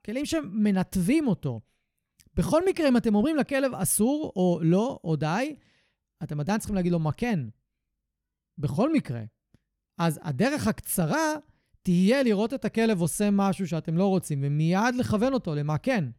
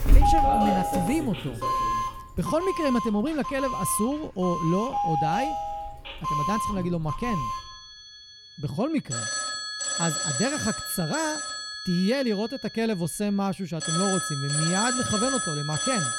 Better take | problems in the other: first | alarms or sirens; very loud; throughout; as loud as the speech

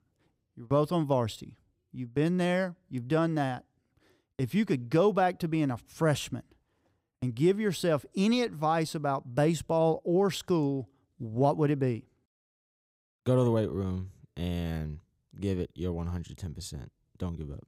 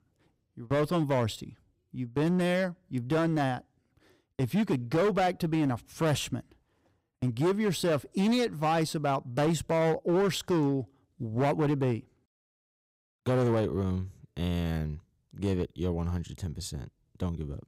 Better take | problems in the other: first | distortion; slight; 10% of the sound clipped

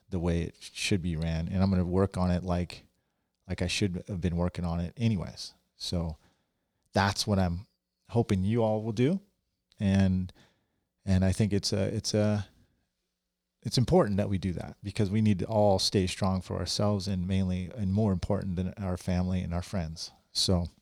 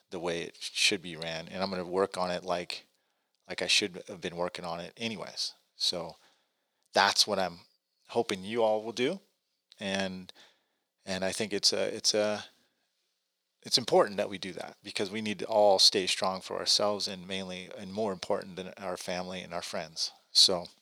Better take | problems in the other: first | thin; very; fading below 450 Hz

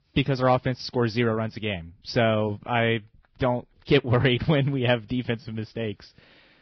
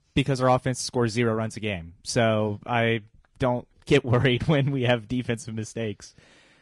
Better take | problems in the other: second | garbled, watery; badly; nothing above 5.5 kHz; slightly in the second

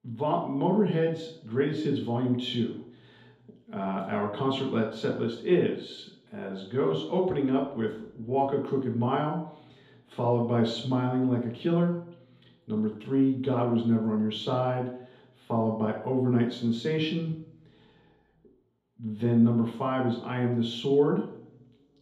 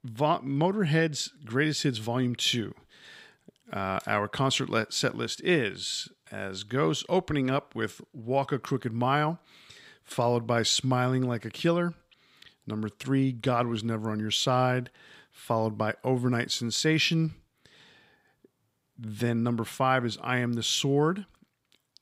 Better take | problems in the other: second | room echo; noticeable; dies away in 2 s // off-mic speech; far

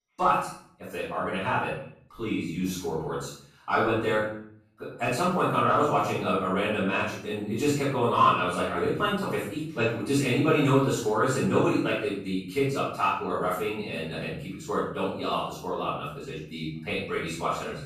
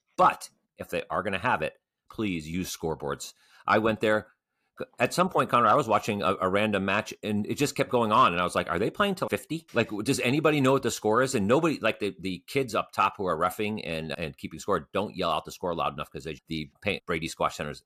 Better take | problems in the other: second | room echo; noticeable; dies away in 0.5 s // off-mic speech; far

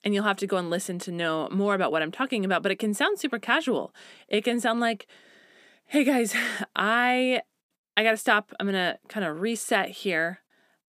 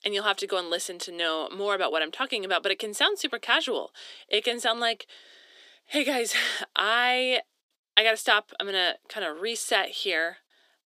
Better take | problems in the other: first | thin; somewhat; fading below 350 Hz

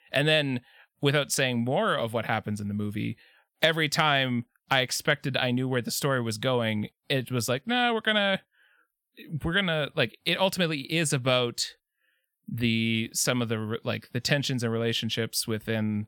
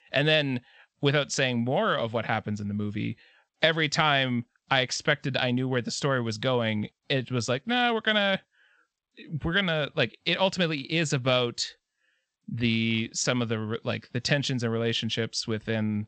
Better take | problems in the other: first | garbled, watery; slightly; nothing above 8 kHz

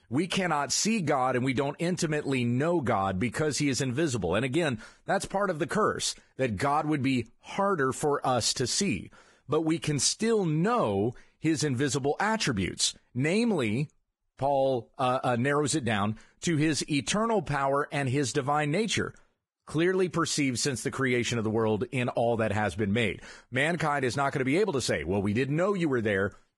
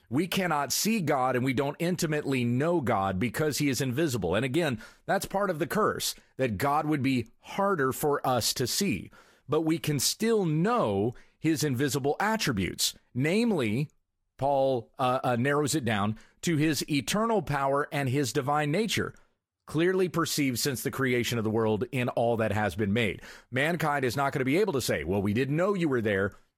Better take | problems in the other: second | garbled, watery; badly; nothing above 10.5 kHz; slightly in the second

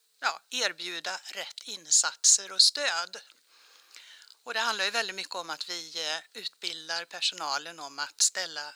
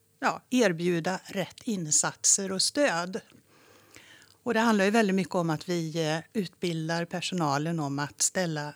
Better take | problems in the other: second | thin; very; fading below 800 Hz

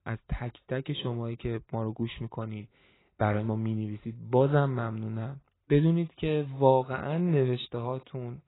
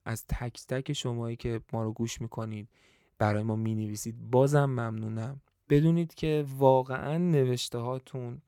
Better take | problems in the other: second | garbled, watery; badly; nothing above 4 kHz

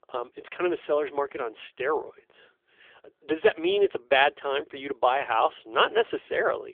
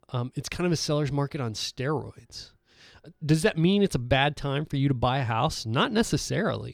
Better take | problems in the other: second | phone-call audio; poor line; nothing above 3.5 kHz

